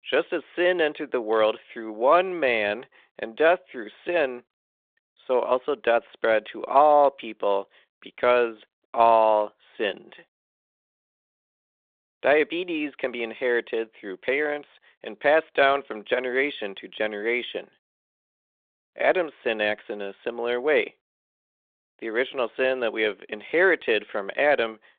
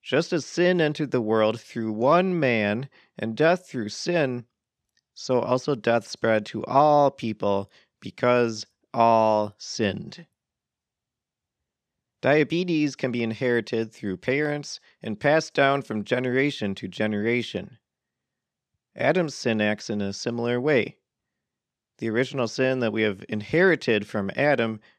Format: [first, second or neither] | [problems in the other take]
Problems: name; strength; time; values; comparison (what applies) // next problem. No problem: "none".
second | phone-call audio